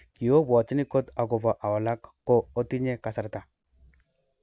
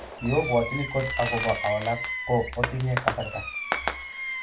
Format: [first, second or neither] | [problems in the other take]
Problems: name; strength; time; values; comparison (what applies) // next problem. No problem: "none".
first | background sound (Fireworks); 4 dB below the speech // room echo; dies away in 0.2 s